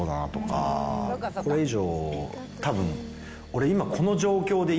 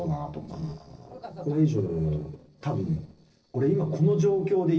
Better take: first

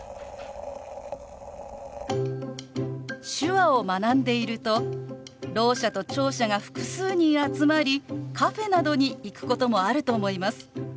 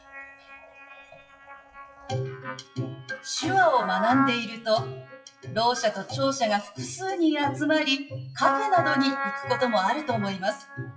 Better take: first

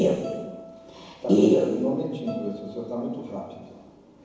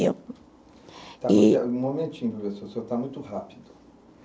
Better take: second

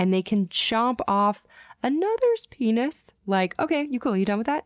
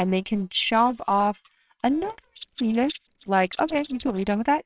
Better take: first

